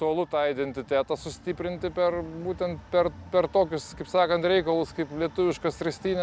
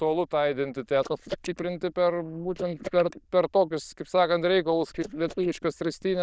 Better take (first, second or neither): first